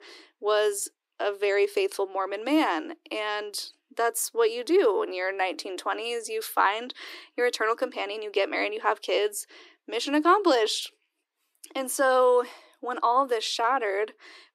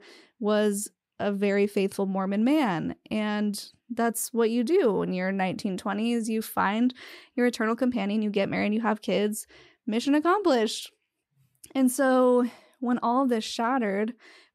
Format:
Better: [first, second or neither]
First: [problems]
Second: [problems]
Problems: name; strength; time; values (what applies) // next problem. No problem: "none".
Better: second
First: thin; very; fading below 300 Hz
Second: none